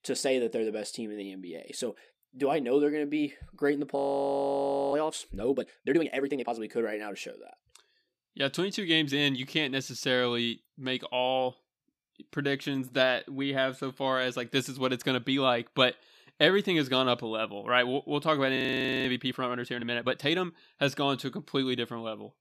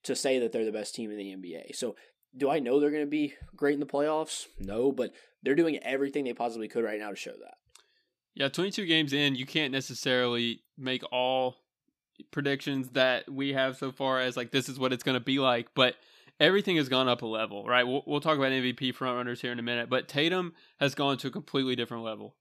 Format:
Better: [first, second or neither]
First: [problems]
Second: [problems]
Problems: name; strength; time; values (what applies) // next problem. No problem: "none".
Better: second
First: audio freezing; at 4 s for 1 s and at 19 s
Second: none